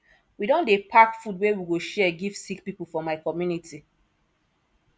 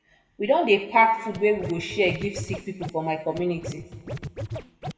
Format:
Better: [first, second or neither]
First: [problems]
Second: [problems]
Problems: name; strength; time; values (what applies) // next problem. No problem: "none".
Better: first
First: none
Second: background sound (Scratching (performance technique)); 10 dB below the speech // room echo; dies away in 1.4 s